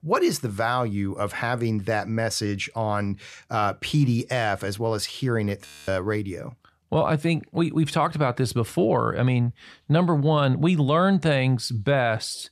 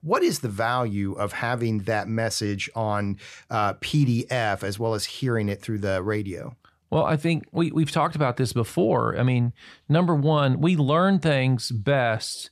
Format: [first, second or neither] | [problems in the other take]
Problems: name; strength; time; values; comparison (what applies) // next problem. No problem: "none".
second | audio freezing; at 5.5 s